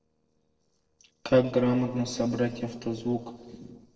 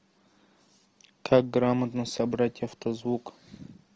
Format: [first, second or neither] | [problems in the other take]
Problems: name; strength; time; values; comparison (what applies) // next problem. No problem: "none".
second | noise reduction (neural separator model SepFormer DNS4)